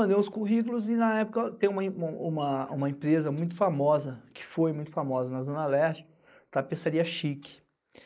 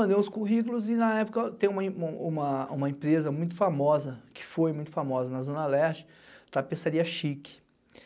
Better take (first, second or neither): second